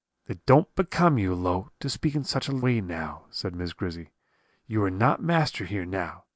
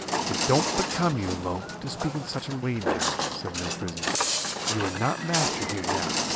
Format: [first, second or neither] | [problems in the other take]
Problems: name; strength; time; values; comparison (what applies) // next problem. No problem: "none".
first | background sound (Walk, footsteps); 1 dB above the speech